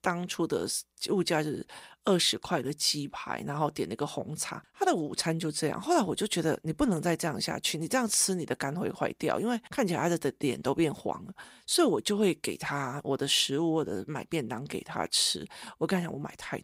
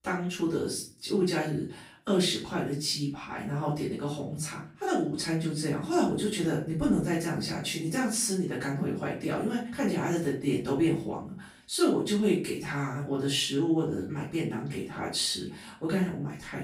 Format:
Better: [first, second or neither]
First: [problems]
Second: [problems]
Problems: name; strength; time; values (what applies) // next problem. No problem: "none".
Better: first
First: none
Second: off-mic speech; far // room echo; noticeable; dies away in 0.4 s